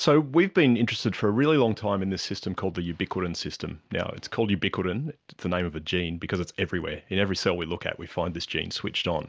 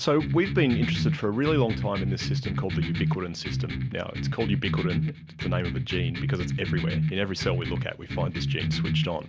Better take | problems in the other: first | background sound (Electric guitar); 1 dB above the speech

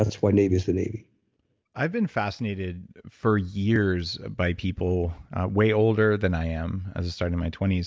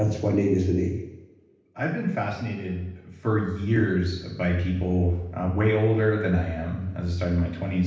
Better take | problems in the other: first | room echo; dies away in 0.9 s

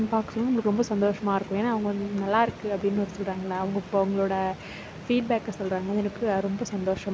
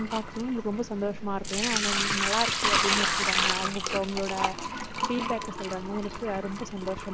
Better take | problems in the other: first | background sound (Sink (filling or washing) / Liquid); 2 dB above the speech

